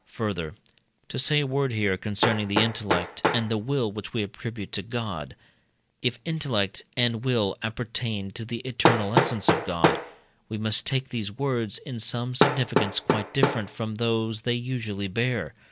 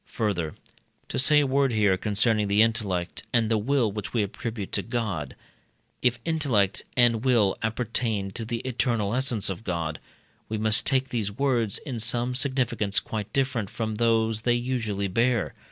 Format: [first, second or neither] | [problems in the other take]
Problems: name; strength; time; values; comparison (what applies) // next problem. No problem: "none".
second | background sound (Hammer); 2 dB below the speech